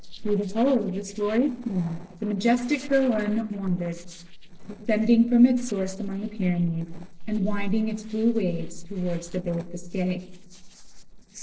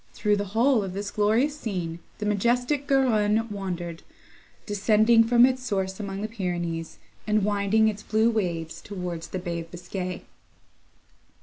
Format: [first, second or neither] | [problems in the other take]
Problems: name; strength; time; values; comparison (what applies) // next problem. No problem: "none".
second | noise reduction (neural separator model SepFormer DNS4)